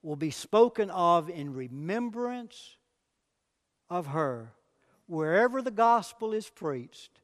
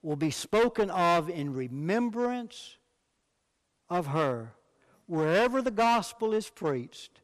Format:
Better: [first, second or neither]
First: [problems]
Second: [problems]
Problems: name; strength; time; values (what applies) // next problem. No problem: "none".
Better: first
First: none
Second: distortion; heavy; 7% of the sound clipped